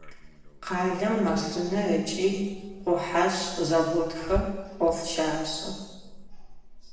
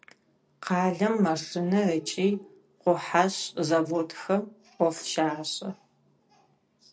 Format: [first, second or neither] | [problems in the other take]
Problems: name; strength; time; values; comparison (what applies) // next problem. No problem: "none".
second | background sound (Engine / Car); 12 dB below the speech // room echo; dies away in 1.2 s